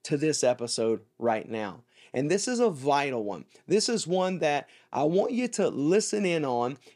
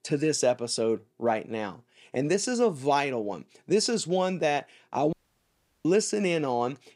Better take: first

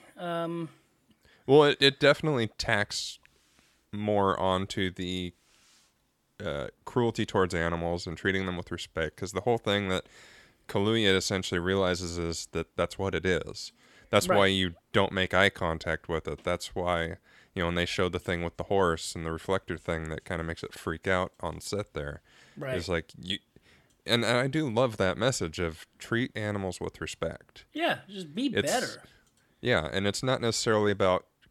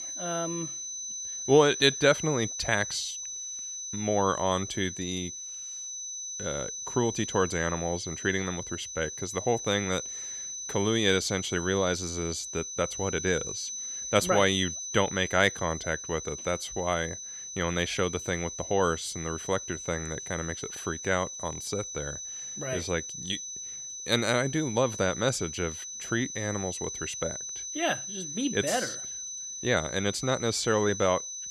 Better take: first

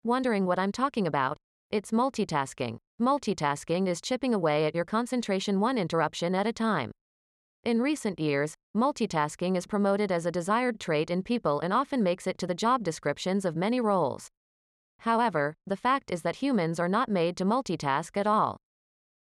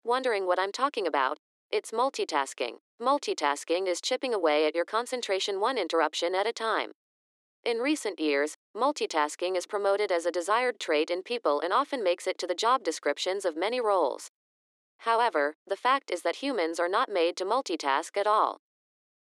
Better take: first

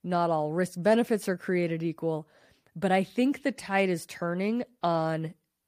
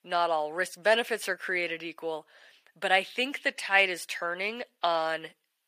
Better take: first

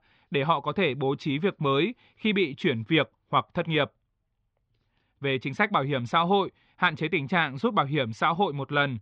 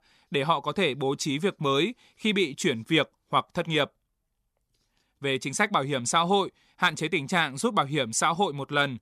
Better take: second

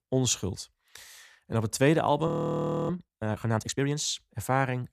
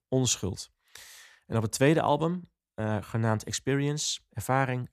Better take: second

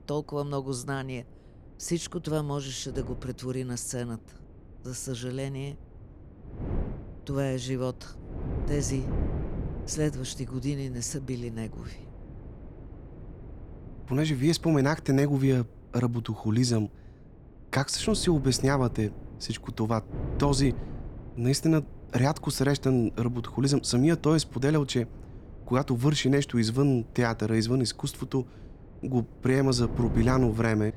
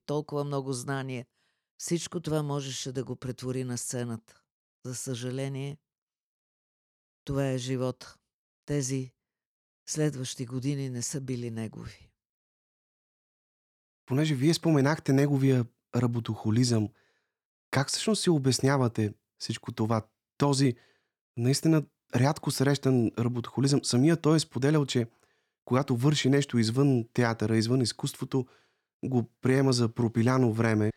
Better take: second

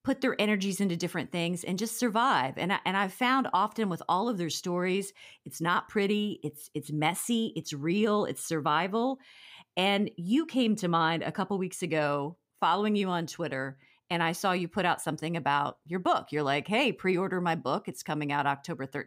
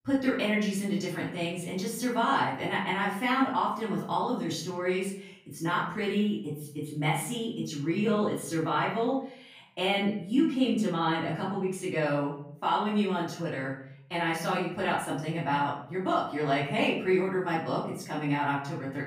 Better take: first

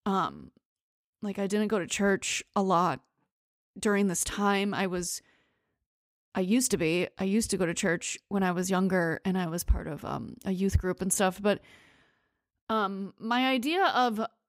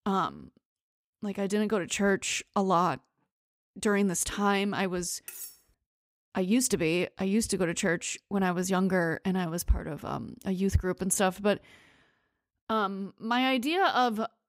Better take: first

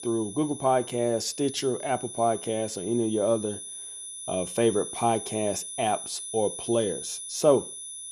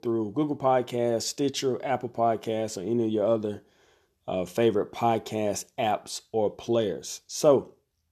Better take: second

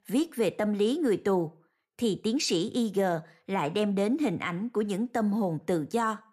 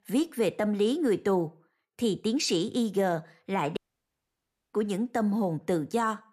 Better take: first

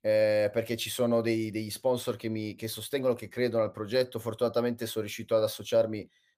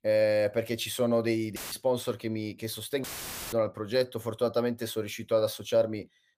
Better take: first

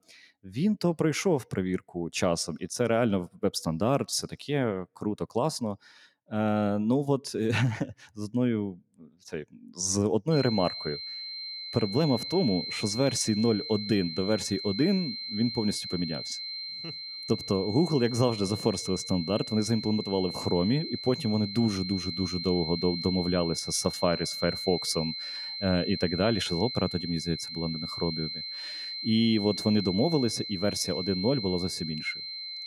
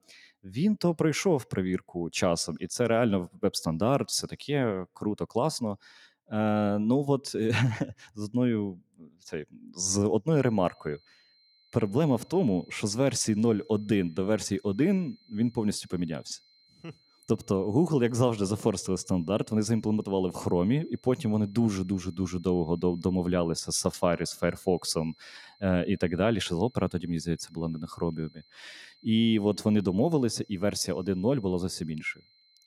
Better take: second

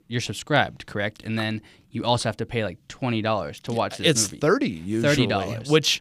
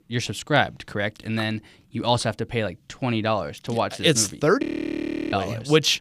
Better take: first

